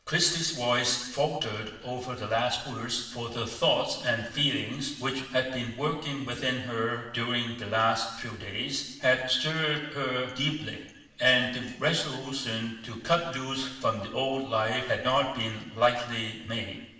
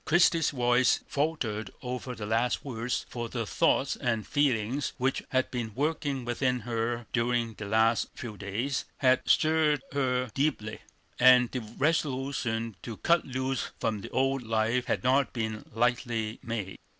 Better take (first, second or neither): second